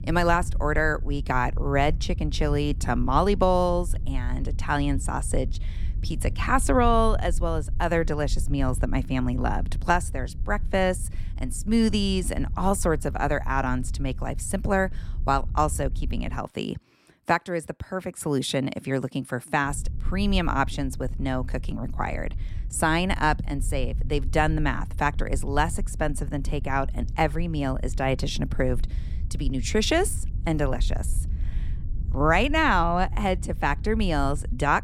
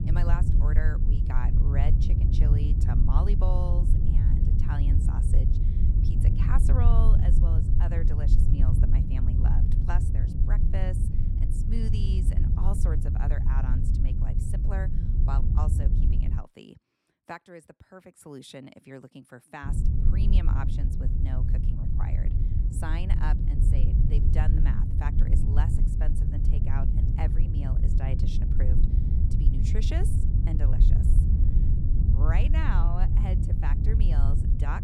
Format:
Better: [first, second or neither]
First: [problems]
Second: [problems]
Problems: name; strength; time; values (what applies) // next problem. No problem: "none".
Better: first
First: low rumble; faint; until 16 s and from 20 s on; 25 dB below the speech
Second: low rumble; loud; until 16 s and from 20 s on; as loud as the speech